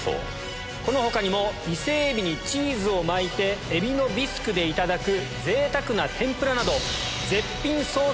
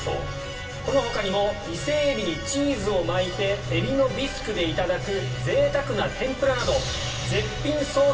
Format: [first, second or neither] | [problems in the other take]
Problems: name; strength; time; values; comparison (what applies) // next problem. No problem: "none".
first | room echo; dies away in 0.3 s